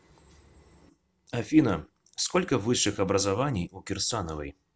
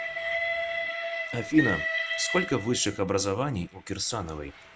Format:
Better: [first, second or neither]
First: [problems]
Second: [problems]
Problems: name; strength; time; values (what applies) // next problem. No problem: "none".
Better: first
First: none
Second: background sound (Train); 3 dB below the speech